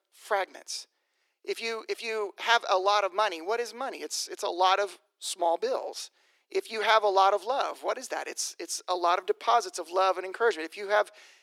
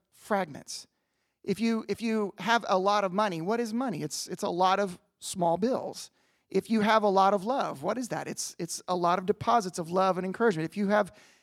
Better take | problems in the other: second | thin; very; fading below 350 Hz

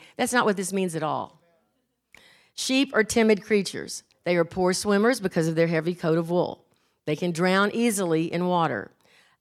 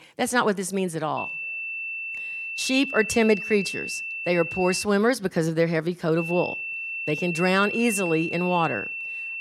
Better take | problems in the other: first | high-pitched whine; loud; from 1 to 5 s and from 6 s on; 2.5 kHz, 5 dB below the speech

